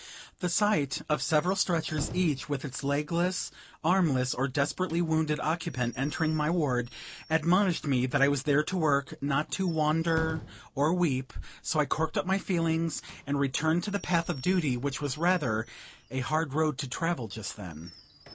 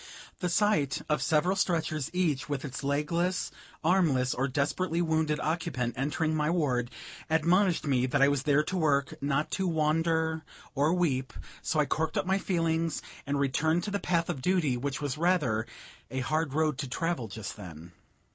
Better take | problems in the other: second | background sound (Squeak / Slam / Wood); 20 dB below the speech

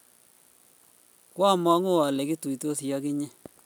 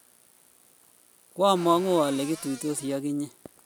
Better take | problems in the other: first | background sound (Cupboard open or close); 16 dB below the speech

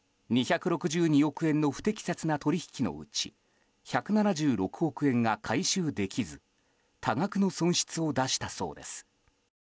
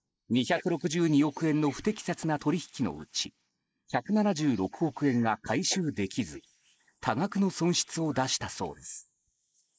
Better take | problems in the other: first | noise reduction (neural mask model Resemble Enhance denoiser)

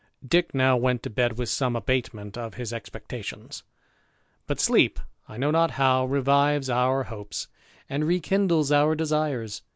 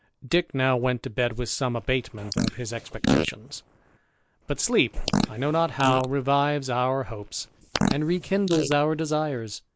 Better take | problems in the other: first | noise reduction (neural mask model Resemble Enhance denoiser)

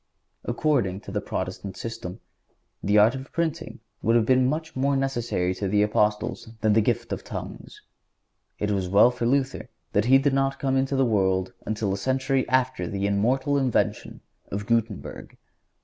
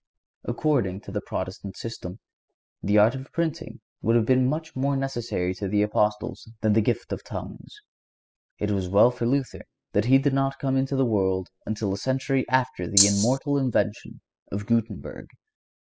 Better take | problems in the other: first | noise reduction (classical method spectral subtraction)

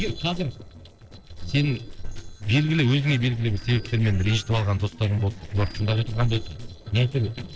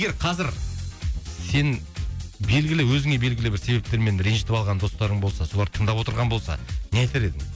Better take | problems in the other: second | noise reduction (neural separator model SepFormer DNS4)

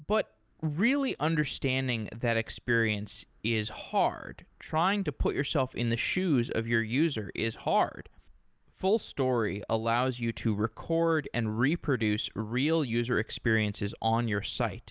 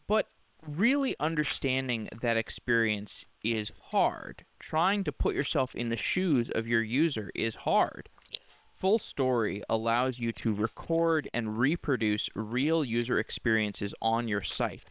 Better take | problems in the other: first | noise reduction (neural separator model SepFormer WHAM!)

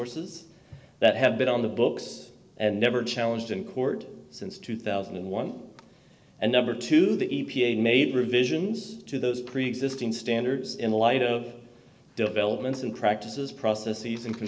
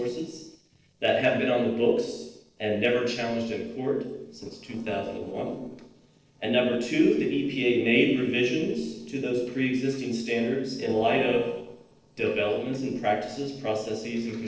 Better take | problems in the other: first | noise reduction (neural separator model SepFormer DNS4)

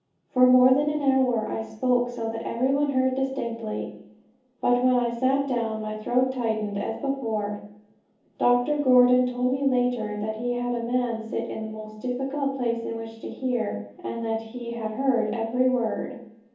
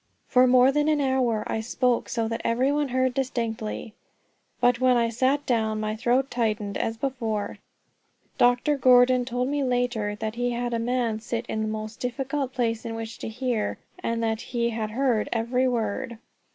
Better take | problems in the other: second | room echo; dies away in 0.7 s

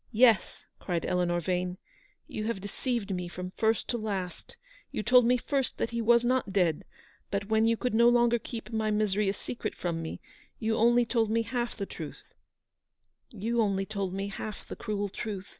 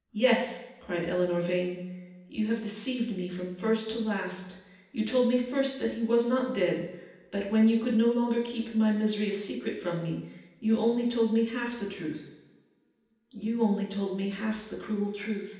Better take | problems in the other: first | room echo; dies away in 0.9 s

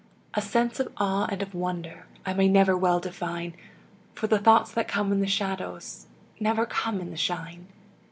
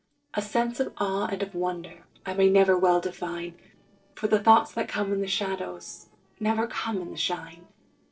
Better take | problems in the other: first | noise reduction (neural separator model SepFormer DNS4)

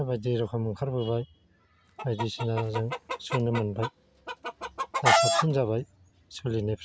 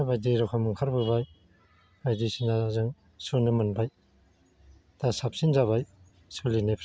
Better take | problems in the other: second | background sound (Chicken, rooster); 1 dB above the speech

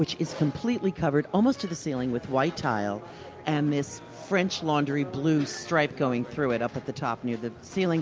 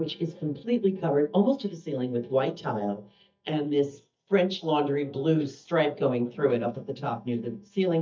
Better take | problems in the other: first | noise reduction (neural mask model DeepFilterNet 3)

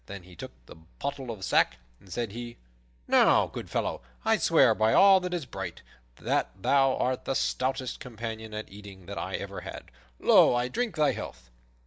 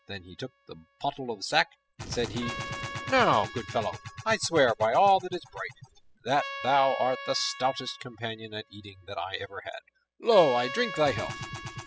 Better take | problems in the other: first | noise reduction (classical method spectral subtraction)

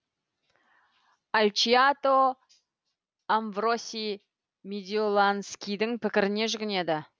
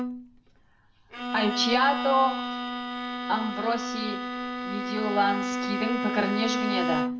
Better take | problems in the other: first | background sound (Bowed string instrument); 2 dB below the speech // room echo; dies away in 0.6 s

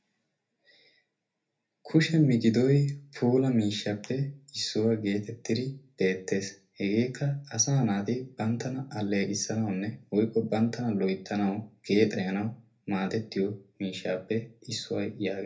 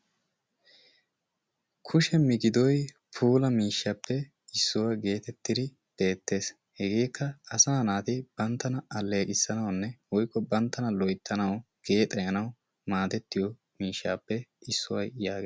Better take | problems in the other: second | room echo; dies away in 0.3 s

